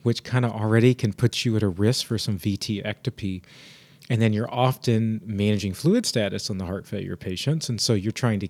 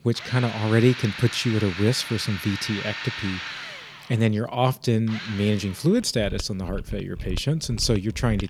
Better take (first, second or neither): first